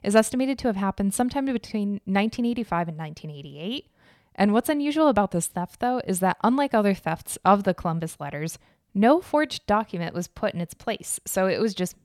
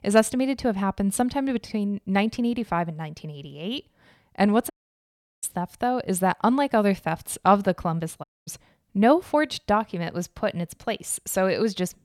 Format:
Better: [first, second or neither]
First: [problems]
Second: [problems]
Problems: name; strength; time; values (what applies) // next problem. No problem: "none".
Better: first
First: none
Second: audio cutting out; at 4.5 s for 0.5 s and at 8 s